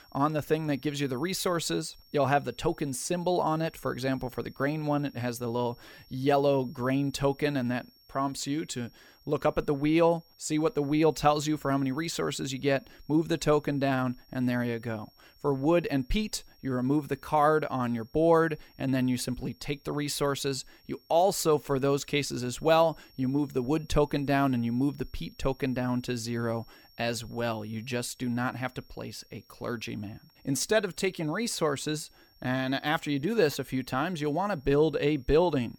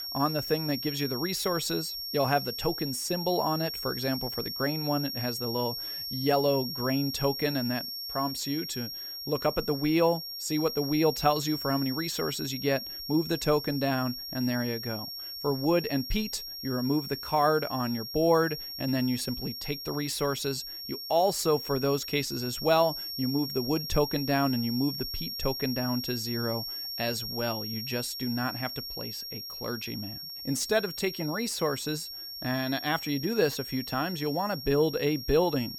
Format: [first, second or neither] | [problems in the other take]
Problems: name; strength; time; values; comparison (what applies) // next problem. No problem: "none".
first | high-pitched whine; loud; throughout; 5.5 kHz, 5 dB below the speech; faint in the first